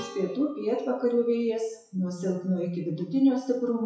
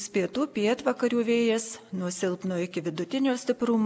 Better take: second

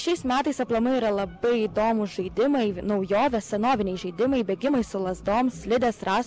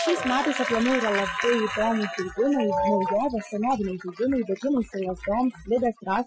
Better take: first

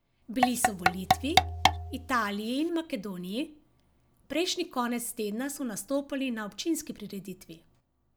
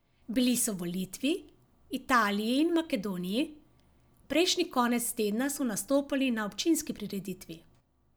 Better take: second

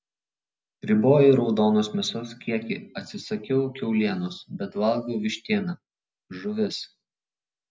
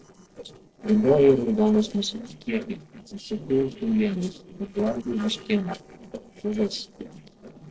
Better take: first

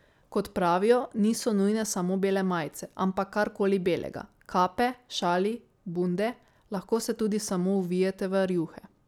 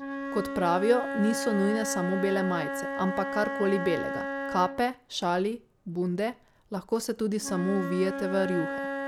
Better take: first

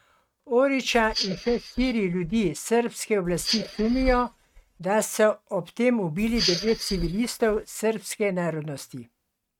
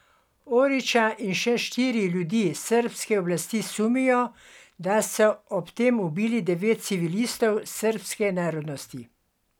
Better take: second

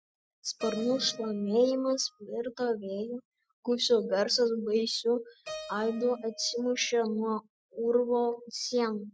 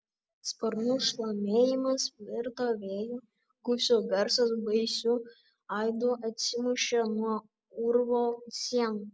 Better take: second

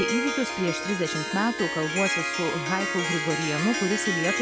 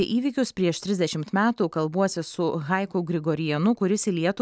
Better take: second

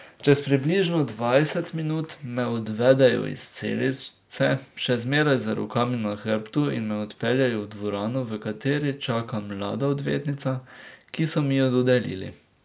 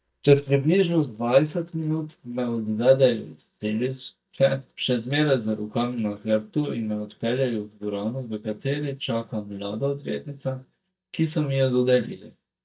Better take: first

